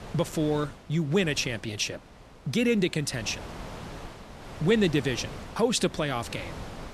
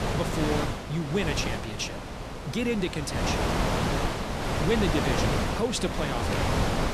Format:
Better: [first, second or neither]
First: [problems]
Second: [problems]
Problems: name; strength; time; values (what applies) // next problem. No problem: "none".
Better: first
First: wind noise on the microphone; occasional gusts; 15 dB below the speech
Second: wind noise on the microphone; heavy; 2 dB above the speech